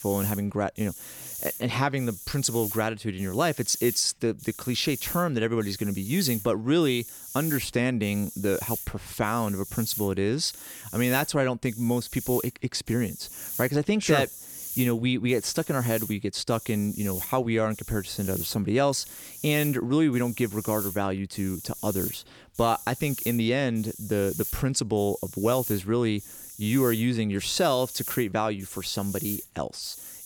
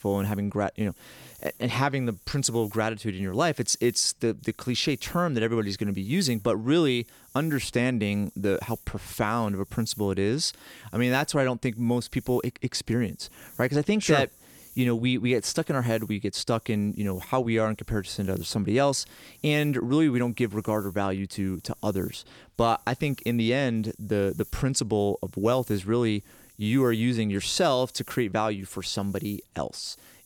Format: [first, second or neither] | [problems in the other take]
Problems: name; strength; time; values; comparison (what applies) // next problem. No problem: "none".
second | hiss; loud; throughout; 9 dB below the speech; faint in the second